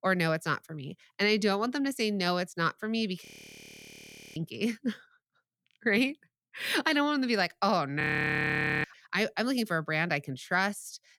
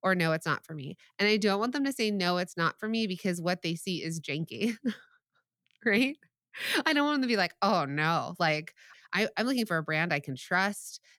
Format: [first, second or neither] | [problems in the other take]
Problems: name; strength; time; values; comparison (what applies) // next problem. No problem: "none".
second | audio freezing; at 3.5 s for 1 s and at 8 s for 1 s